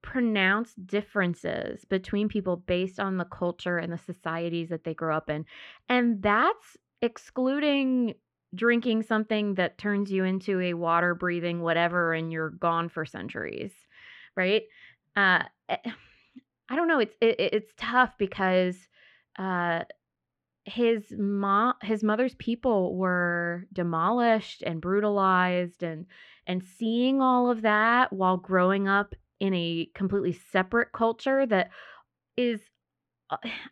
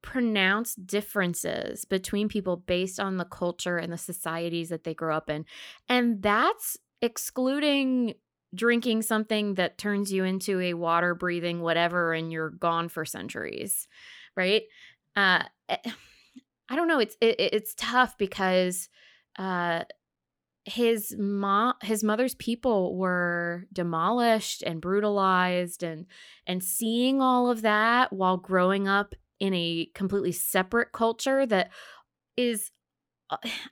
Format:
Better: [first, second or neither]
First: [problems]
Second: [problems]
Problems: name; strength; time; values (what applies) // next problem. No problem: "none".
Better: second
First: muffled; slightly; fading above 2.5 kHz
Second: none